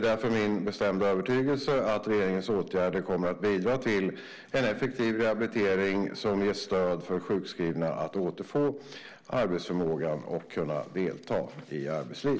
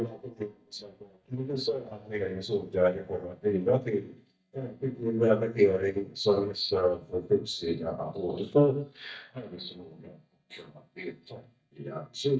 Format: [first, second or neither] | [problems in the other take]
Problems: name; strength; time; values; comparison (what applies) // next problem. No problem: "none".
first | noise reduction (neural mask model DeepFilterNet 3)